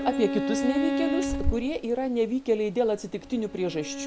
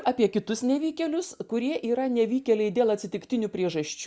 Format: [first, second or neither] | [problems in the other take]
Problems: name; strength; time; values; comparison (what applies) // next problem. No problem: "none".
second | background sound (Bowed string instrument + Bird); 3 dB below the speech